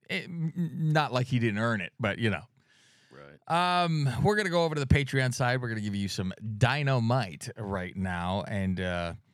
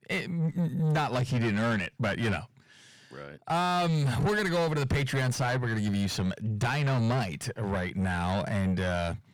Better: first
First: none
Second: distortion; heavy; 5 dB below the speech

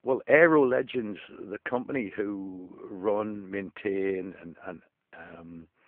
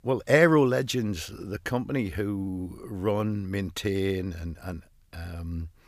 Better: second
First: phone-call audio; poor line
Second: none

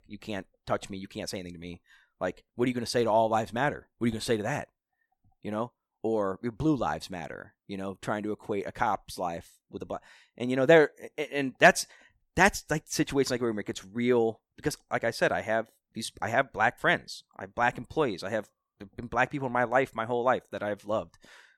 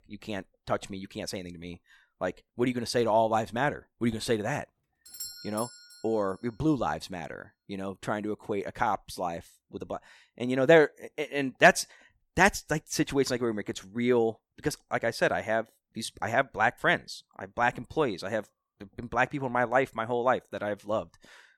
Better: first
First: none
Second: doorbell; noticeable; at 5 s; peak 10 dB below the speech

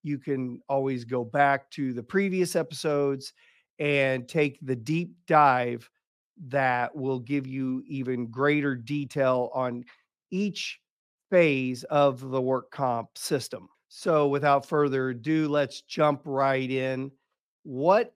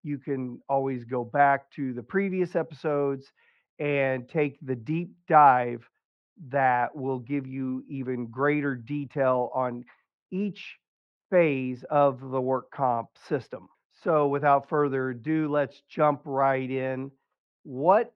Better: first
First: none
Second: muffled; very; fading above 2 kHz

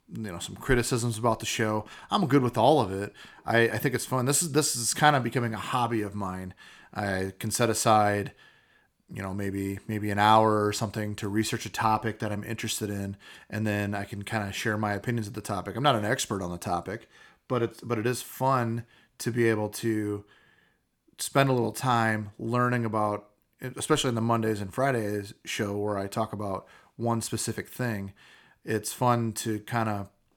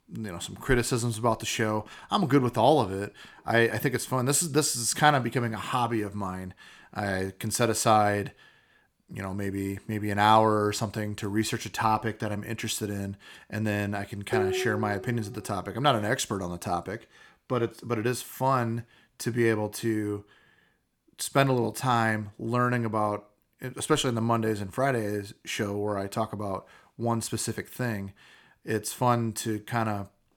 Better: first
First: none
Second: clattering dishes; noticeable; at 14 s; peak 1 dB below the speech

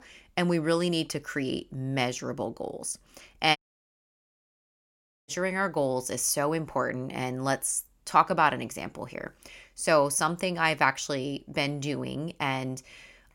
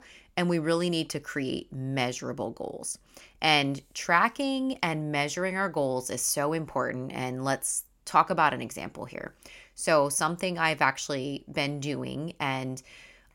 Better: second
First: audio cutting out; at 3.5 s for 1.5 s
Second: none

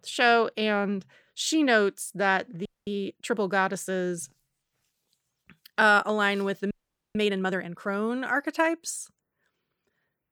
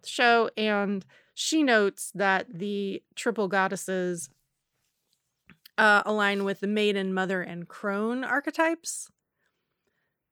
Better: second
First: audio freezing; at 2.5 s and at 6.5 s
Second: none

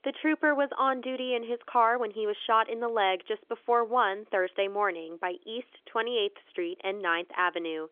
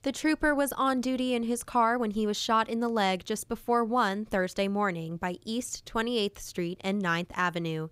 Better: second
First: phone-call audio; nothing above 3.5 kHz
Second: none

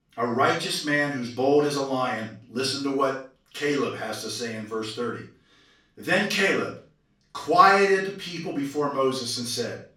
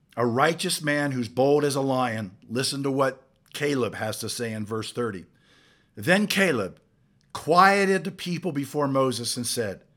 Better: second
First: room echo; noticeable; dies away in 0.3 s // off-mic speech; far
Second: none

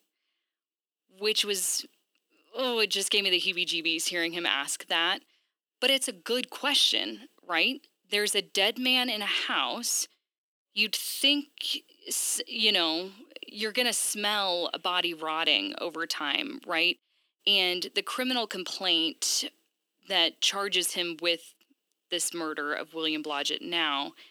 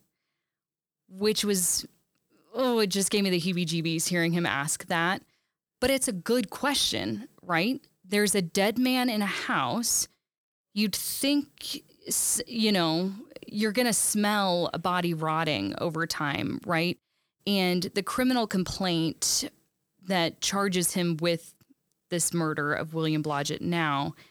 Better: second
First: thin; somewhat; fading below 250 Hz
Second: none

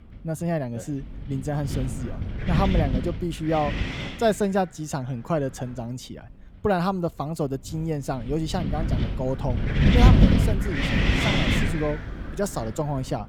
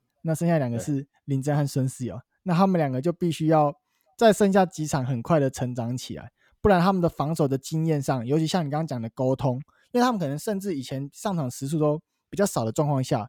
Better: second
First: wind noise on the microphone; heavy; as loud as the speech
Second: none

